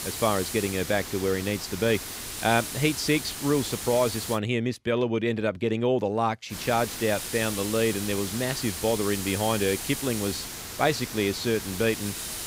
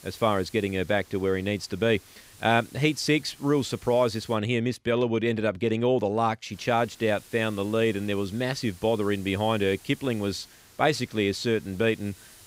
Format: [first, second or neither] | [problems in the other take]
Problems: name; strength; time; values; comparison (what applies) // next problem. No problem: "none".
second | hiss; loud; until 4.5 s and from 6.5 s on; 6 dB below the speech; faint in the second